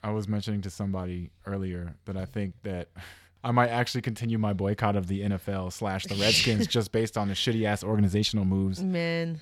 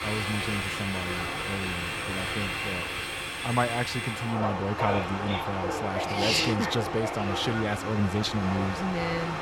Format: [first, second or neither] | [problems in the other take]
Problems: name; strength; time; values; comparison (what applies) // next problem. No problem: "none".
first | train or aircraft noise; loud; throughout; as loud as the speech